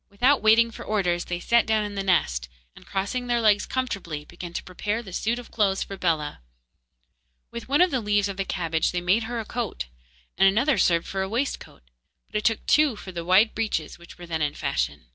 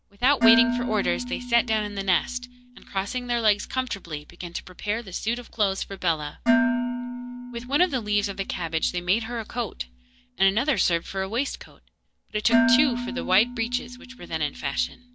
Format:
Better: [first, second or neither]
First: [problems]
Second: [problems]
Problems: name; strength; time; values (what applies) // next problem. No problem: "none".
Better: first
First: none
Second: background sound (Dishes, pots, and pans); 2 dB below the speech